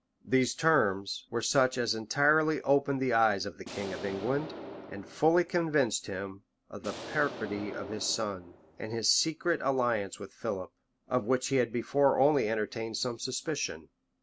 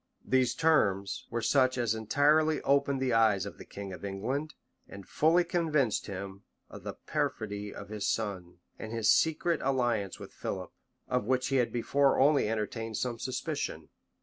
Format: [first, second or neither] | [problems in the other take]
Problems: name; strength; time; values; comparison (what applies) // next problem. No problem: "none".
second | background sound (Explosion); 13 dB below the speech